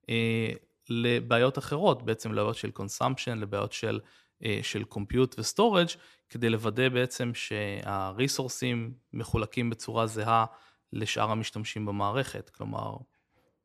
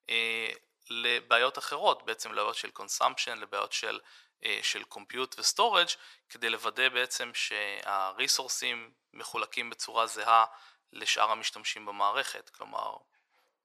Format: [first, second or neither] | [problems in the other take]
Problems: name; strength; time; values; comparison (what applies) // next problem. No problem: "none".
first | thin; very; fading below 950 Hz